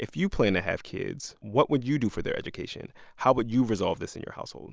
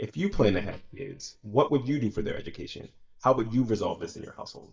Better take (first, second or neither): first